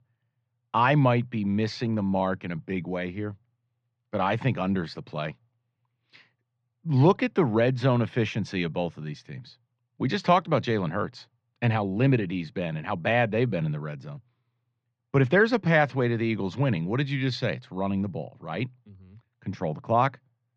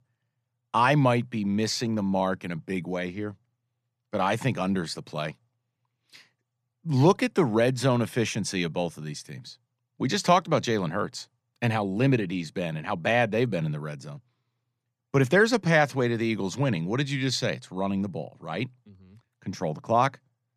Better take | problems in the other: second | muffled; slightly; fading above 3.5 kHz

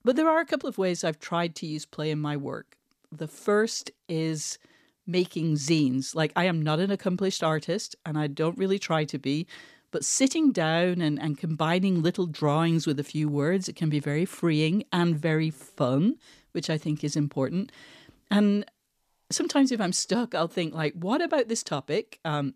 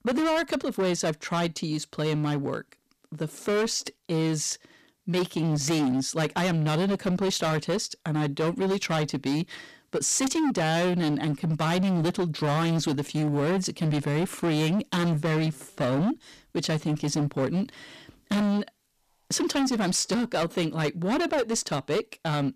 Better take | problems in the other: first | distortion; heavy; 22% of the sound clipped

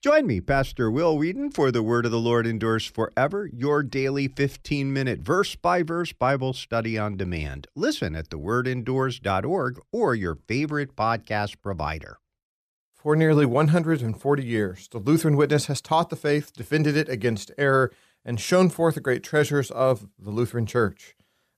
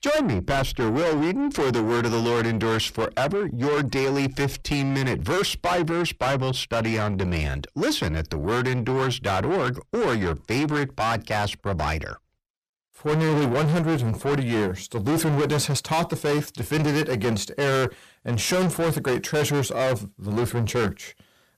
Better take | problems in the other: first | distortion; heavy; 6 dB below the speech

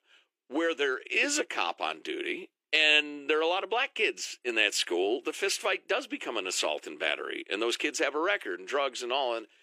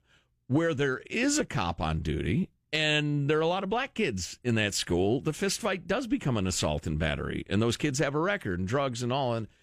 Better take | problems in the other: second | thin; very; fading below 350 Hz

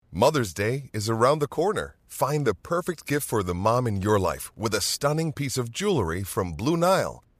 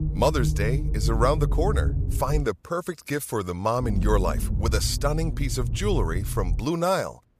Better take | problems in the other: first | low rumble; noticeable; until 2.5 s and from 4 to 6.5 s; 15 dB below the speech

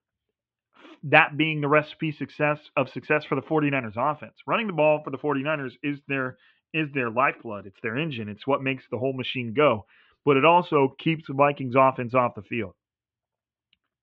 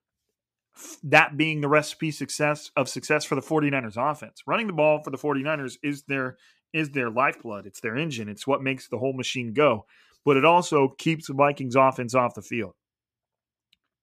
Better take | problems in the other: second | muffled; very; fading above 3.5 kHz

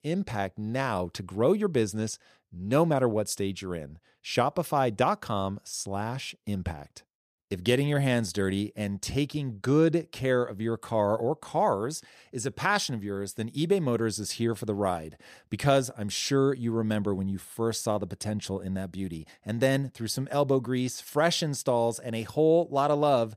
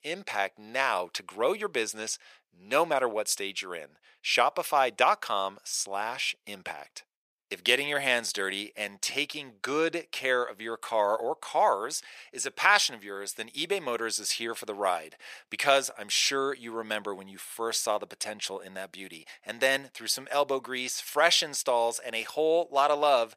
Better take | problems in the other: first | thin; very; fading below 650 Hz

